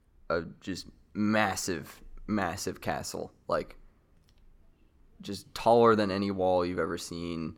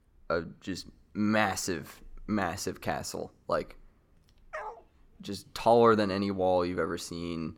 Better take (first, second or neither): first